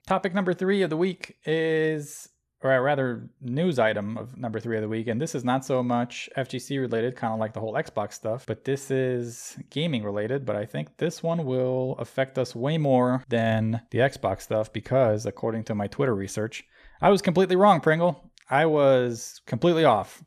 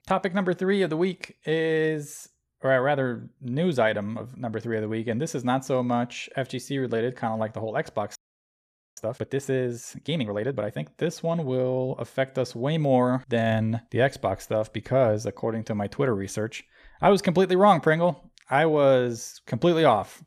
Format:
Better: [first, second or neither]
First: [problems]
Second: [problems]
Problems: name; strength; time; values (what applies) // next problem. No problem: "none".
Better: first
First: none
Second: audio freezing; at 8 s for 1 s